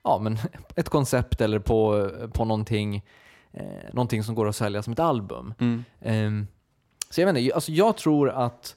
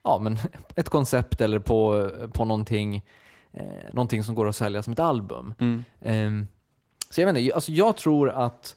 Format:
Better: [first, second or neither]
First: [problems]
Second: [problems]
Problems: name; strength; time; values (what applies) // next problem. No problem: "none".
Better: first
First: none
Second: garbled, watery; slightly; nothing above 16 kHz